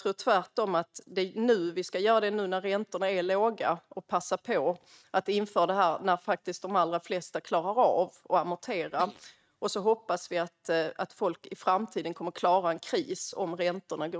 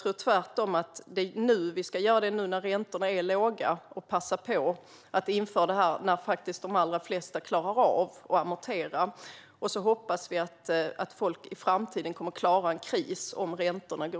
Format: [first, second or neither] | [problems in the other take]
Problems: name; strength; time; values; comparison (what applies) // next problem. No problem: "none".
second | noise reduction (neural mask model RNNoise)